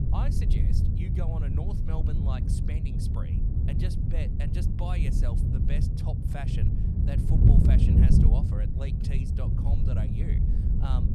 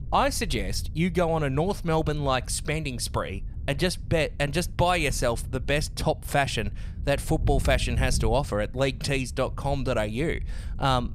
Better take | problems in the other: second | wind noise on the microphone; heavy; 4 dB above the speech; occasional gusts in the second

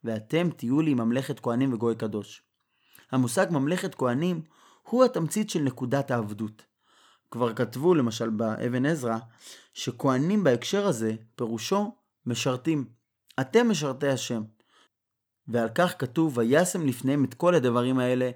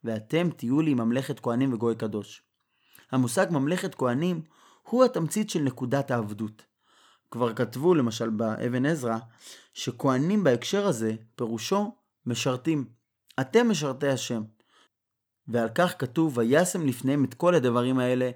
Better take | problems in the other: neither | none

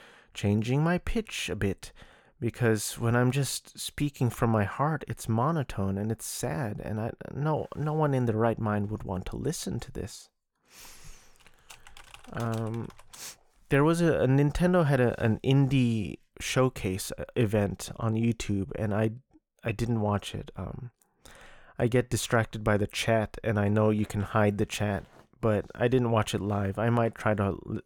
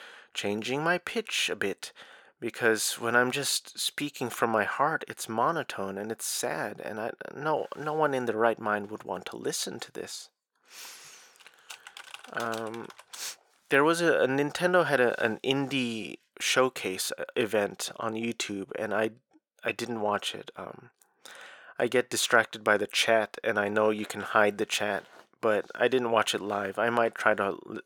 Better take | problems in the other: first | thin; somewhat; fading below 350 Hz

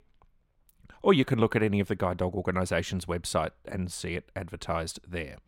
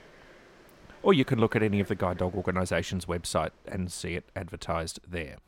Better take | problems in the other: first | animal sounds; faint; throughout; 25 dB below the speech

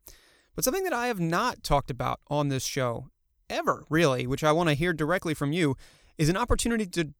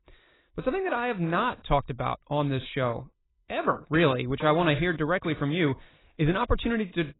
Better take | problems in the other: first | garbled, watery; badly; nothing above 4 kHz

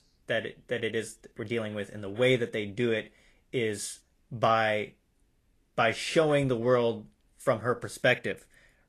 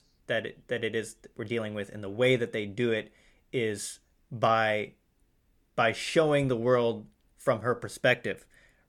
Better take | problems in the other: second | garbled, watery; slightly

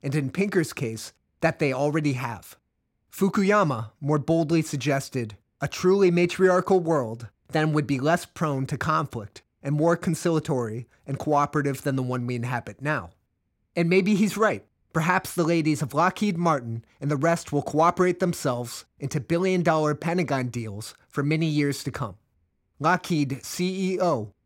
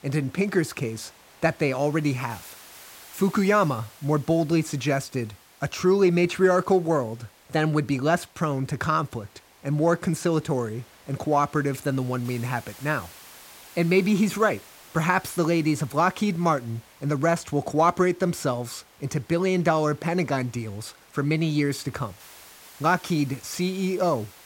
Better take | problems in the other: first | hiss; faint; throughout; 25 dB below the speech

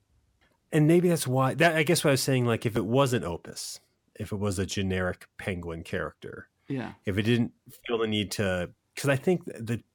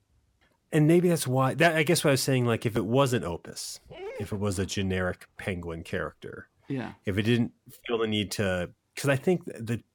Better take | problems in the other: first | dog barking; faint; at 4 s; peak 15 dB below the speech

